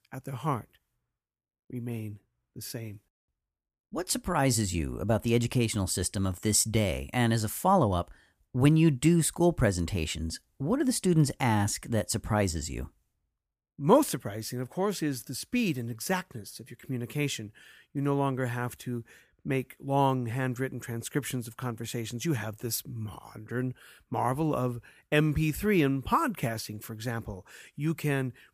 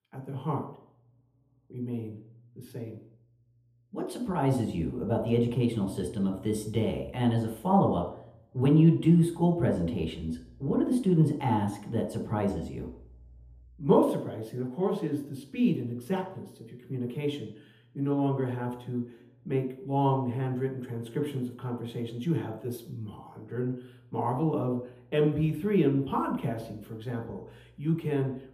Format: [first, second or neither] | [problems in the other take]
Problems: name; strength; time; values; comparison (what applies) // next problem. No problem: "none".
first | room echo; noticeable; dies away in 0.7 s // off-mic speech; far